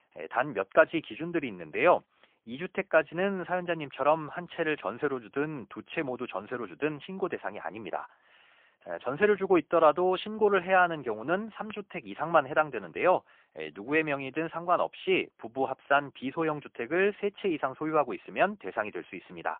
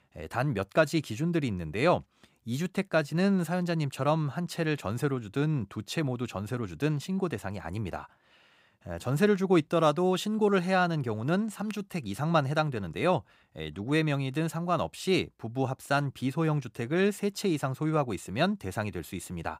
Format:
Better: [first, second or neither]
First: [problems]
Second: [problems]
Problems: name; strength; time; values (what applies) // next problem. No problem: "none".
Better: second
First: phone-call audio; poor line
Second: none